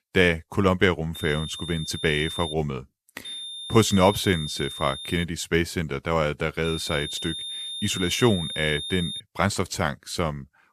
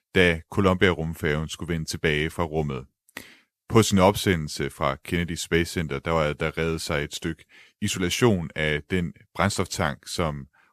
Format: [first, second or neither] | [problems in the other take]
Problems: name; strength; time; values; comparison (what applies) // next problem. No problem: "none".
second | high-pitched whine; loud; from 1 to 2.5 s, from 3.5 to 5 s and from 6.5 to 9 s; 3.5 kHz, 8 dB below the speech